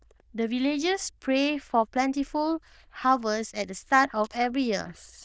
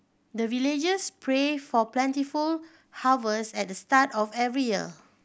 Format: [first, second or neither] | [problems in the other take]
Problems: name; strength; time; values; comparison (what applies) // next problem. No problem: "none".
second | noise reduction (neural diffusion model UNIVERSE++)